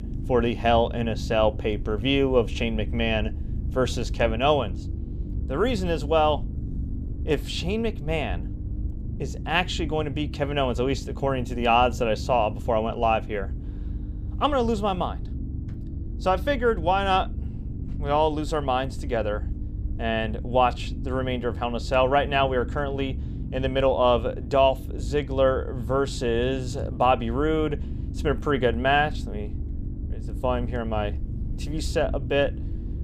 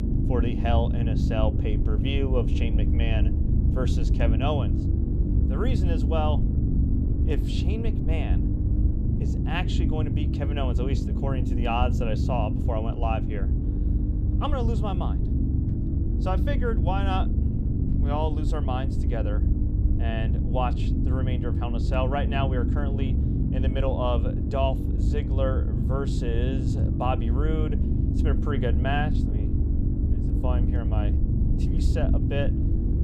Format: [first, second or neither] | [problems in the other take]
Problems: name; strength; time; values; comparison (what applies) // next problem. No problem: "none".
first | low rumble; loud; throughout; 5 dB below the speech; faint in the first